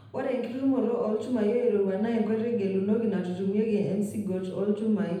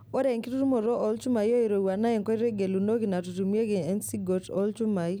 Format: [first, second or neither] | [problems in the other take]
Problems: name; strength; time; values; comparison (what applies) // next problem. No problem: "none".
second | room echo; dies away in 0.8 s